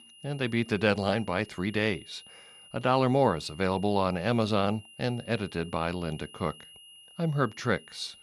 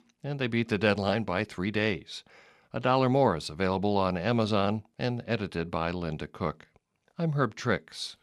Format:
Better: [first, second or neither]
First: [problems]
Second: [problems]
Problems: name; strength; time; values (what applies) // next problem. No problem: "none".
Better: second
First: high-pitched whine; faint; throughout; 3 kHz, 20 dB below the speech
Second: none